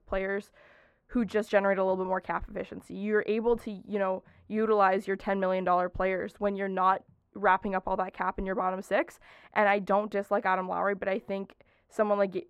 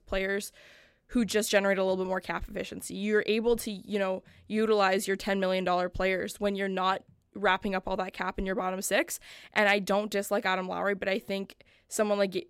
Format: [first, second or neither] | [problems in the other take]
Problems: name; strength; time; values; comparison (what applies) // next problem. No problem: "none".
second | muffled; very; fading above 3 kHz